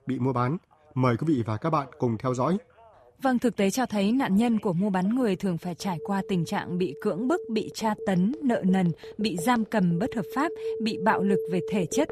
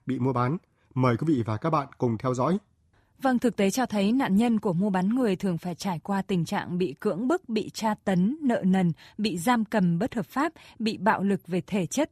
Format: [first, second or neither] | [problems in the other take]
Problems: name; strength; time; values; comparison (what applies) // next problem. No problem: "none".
second | alarms or sirens; loud; throughout; 10 dB below the speech